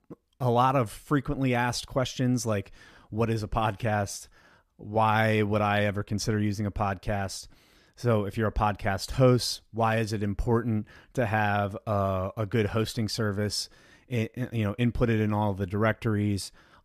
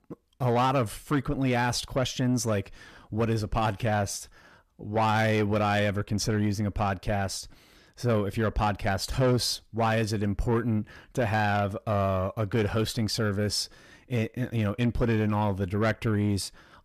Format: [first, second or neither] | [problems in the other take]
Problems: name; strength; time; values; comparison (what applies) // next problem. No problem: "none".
first | distortion; slight; 10 dB below the speech